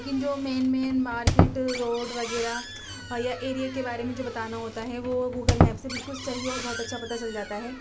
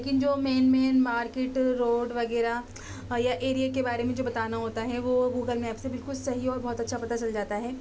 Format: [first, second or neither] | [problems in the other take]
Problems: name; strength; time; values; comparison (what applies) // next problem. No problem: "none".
second | background sound (Squeak); as loud as the speech